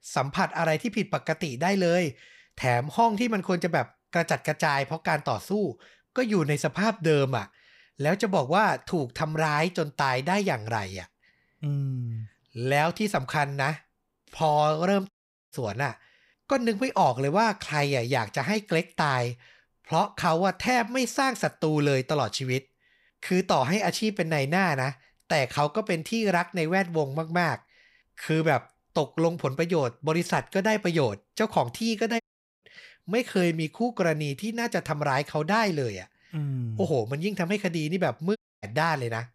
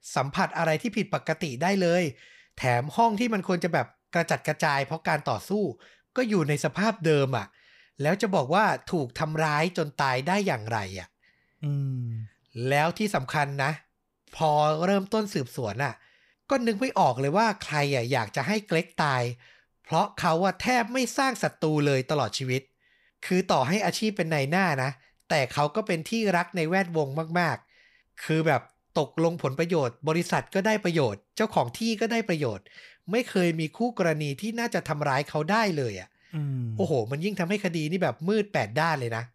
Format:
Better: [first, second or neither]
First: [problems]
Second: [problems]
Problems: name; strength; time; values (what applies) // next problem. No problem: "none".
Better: second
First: audio cutting out; at 15 s, at 32 s and at 38 s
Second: none